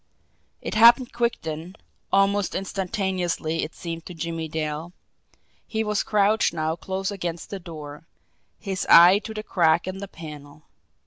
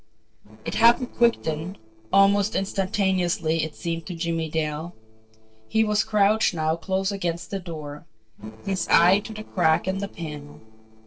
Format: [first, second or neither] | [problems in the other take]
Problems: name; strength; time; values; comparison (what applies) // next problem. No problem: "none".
first | noise reduction (neural separator model SepFormer DNS4)